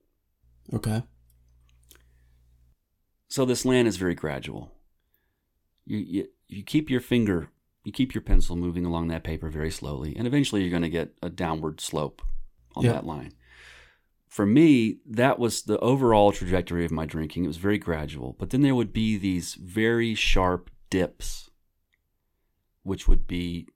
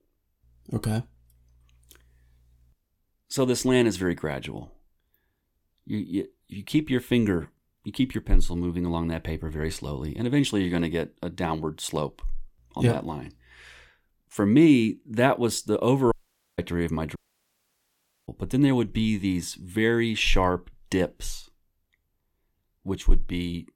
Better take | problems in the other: first | audio cutting out; at 16 s and at 17 s for 1 s

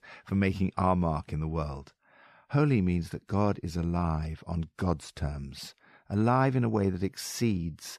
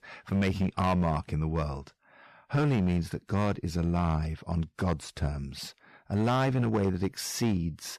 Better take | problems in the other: first | distortion; slight; 8% of the sound clipped

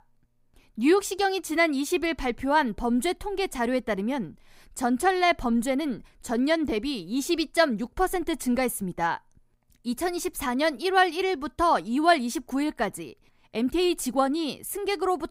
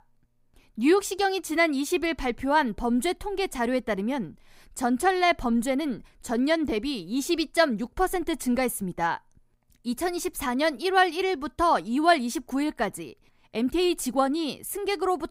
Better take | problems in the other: neither | none

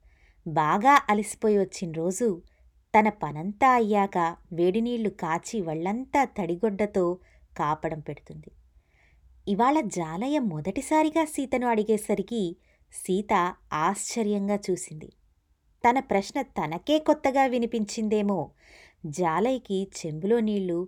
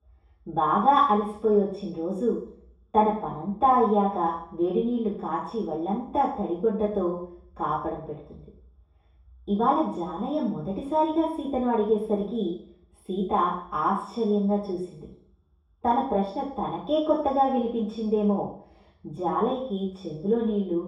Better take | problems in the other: first | room echo; noticeable; dies away in 0.6 s // off-mic speech; far

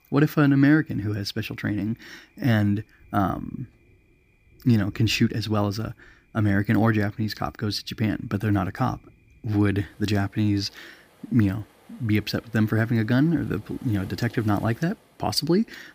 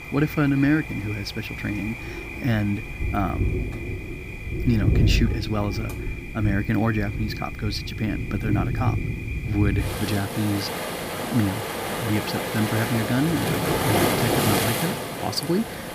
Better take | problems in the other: first | rain or running water; loud; throughout; 1 dB below the speech; faint in the first

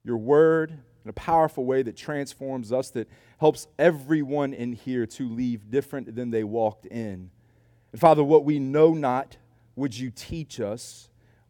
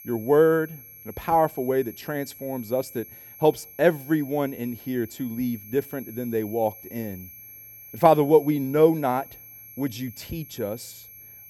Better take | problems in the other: first | high-pitched whine; noticeable; throughout; 11.5 kHz, 20 dB below the speech

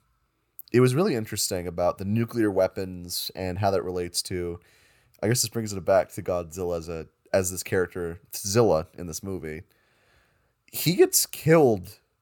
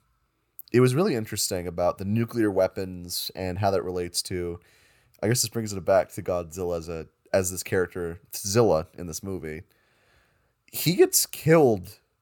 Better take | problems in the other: neither | none

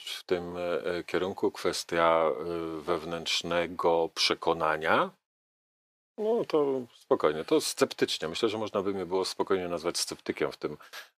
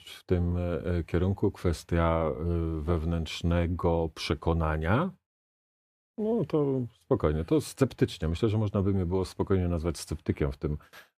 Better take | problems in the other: second | thin; very; fading below 450 Hz

